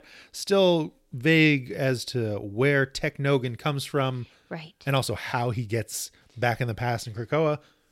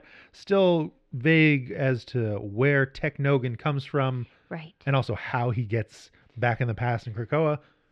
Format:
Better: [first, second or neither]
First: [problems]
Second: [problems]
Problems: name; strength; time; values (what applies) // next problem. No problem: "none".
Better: first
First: none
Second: muffled; slightly; fading above 2.5 kHz